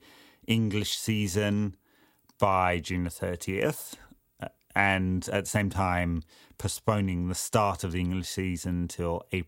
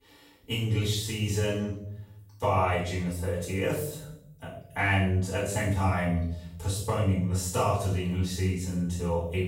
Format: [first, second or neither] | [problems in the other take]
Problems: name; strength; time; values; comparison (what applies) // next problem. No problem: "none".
first | off-mic speech; far // room echo; noticeable; dies away in 0.7 s